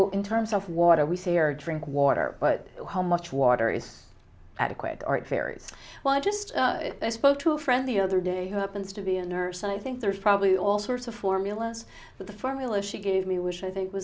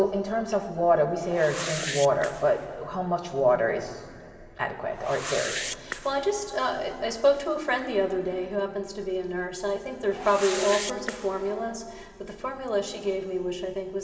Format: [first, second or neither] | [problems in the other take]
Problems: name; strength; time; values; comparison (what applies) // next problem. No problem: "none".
first | background sound (Whoosh, swoosh, swish); 11 dB below the speech // room echo; dies away in 2.5 s